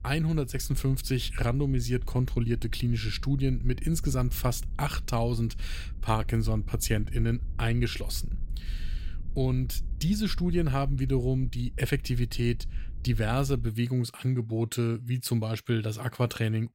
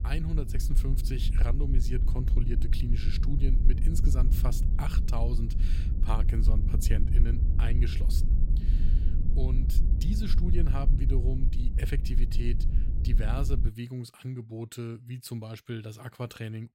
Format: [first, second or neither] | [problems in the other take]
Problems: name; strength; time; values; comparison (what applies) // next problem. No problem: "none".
first | low rumble; loud; until 14 s; 5 dB below the speech; faint in the first